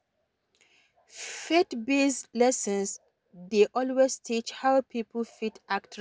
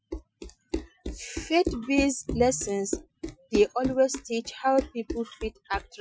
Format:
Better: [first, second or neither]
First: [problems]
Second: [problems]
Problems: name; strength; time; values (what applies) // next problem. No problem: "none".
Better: first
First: none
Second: noise reduction (classical method Wiener filter)